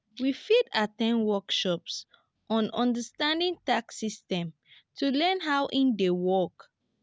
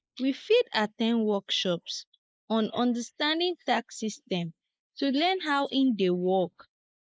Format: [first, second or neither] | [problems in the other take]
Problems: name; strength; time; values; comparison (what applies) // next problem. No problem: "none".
first | noise reduction (neural mask model Resemble Enhance denoiser)